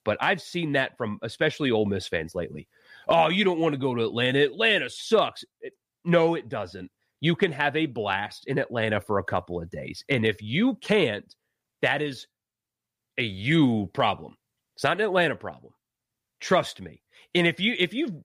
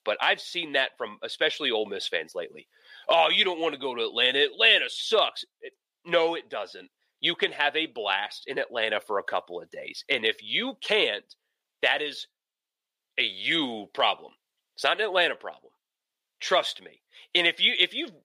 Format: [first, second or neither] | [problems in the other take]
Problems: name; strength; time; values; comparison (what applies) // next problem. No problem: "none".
first | thin; somewhat; fading below 500 Hz